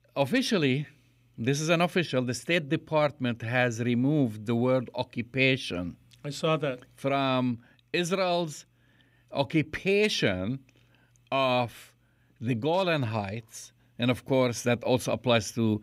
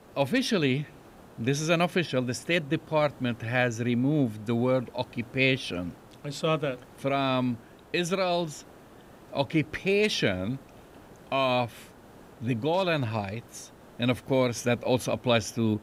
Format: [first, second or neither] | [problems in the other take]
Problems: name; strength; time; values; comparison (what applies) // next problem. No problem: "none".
first | hiss; faint; throughout; 25 dB below the speech